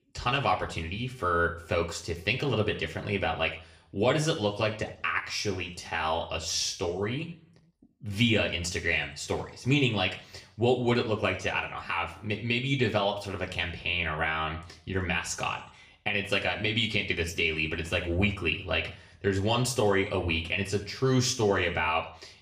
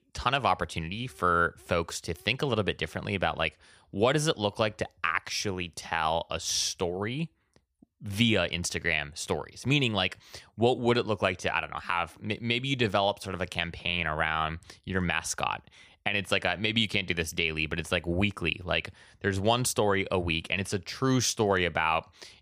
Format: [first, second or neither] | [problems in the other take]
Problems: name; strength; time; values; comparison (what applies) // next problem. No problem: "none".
second | room echo; slight; dies away in 0.5 s // off-mic speech; somewhat distant